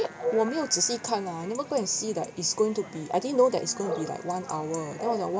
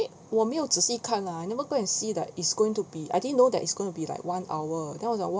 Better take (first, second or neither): second